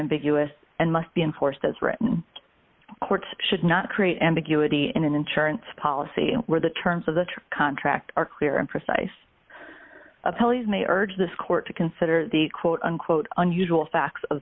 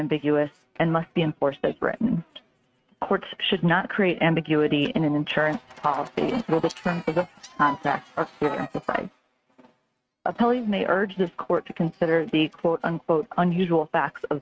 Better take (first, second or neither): first